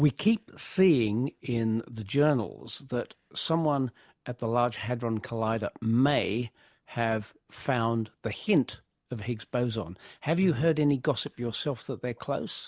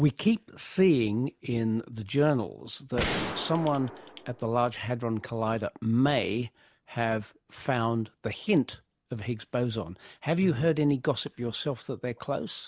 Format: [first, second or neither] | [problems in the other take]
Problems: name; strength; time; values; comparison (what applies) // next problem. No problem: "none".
first | background sound (Gunshot, gunfire); 7 dB below the speech